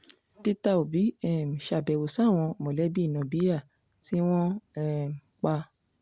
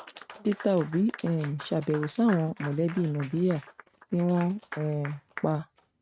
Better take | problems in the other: first | noise reduction (neural mask model RNNoise)

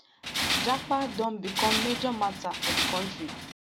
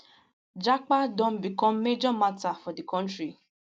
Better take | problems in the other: second | background sound (Tools); as loud as the speech

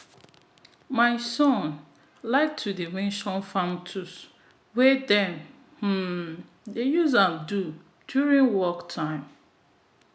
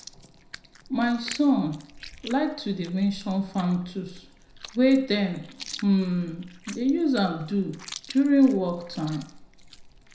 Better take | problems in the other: first | background sound (Chewing, mastication); 19 dB below the speech // room echo; dies away in 0.5 s

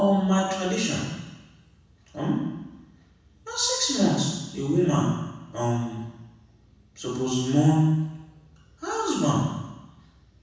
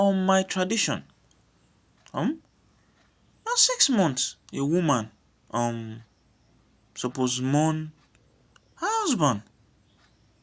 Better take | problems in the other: second | room echo; dies away in 1.1 s

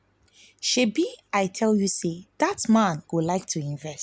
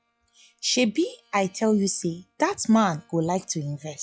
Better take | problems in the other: first | noise reduction (classical method log-MMSE)

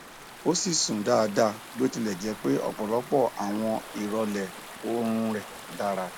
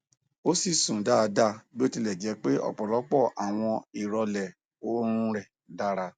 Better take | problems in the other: second | background sound (Stream / Ocean); 15 dB below the speech

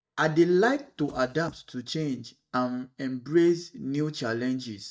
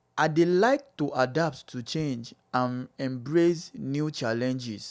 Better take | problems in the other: second | noise reduction (neural mask model DeepFilterNet 3)

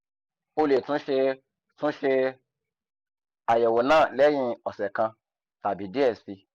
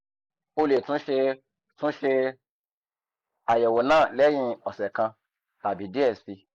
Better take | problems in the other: first | noise reduction (neural mask model Resemble Enhance denoiser)

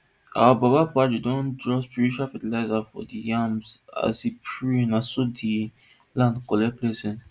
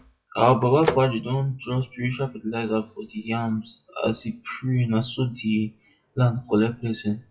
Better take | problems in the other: first | noise reduction (classical method WPE with log-MMSE)

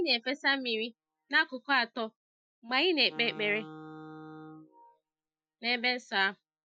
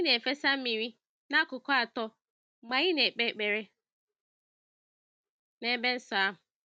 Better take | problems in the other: second | noise reduction (classical method Wiener filter)

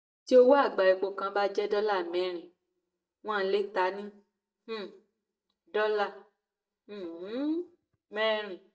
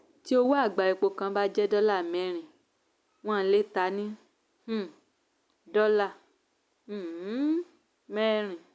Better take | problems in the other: second | noise reduction (neural mask model DeepFilterNet 3)

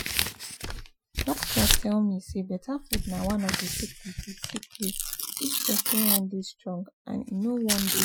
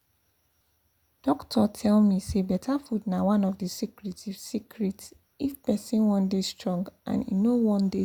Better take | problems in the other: second | noise reduction (classical method Wiener filter)

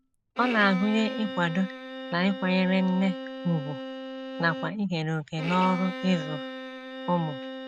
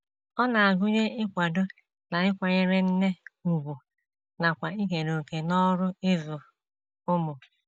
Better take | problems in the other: second | background sound (Bowed string instrument); 9 dB below the speech

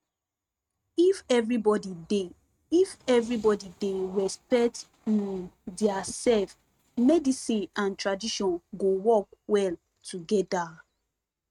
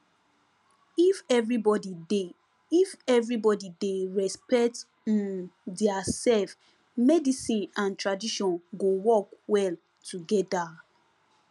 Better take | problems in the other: second | noise reduction (neural mask model RNNoise)

